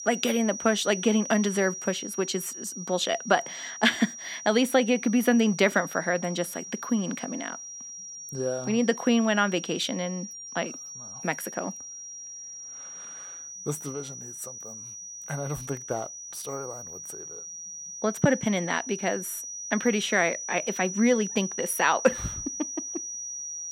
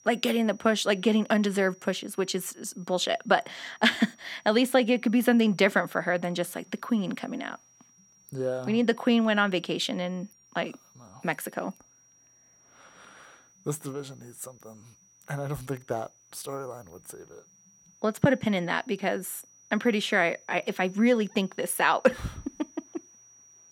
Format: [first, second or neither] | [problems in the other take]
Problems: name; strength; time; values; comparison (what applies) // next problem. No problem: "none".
second | high-pitched whine; loud; throughout; 6 kHz, 9 dB below the speech; faint in the second